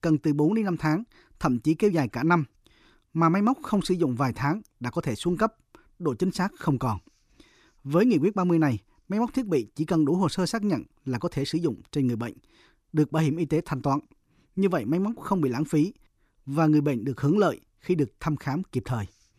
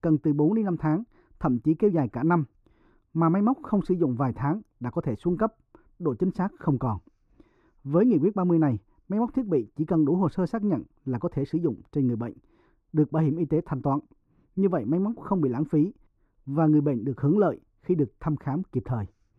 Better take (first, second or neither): first